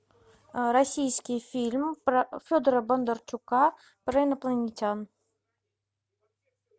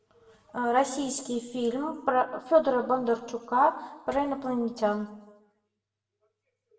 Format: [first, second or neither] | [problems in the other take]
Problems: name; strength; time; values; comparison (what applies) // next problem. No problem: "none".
first | room echo; dies away in 0.8 s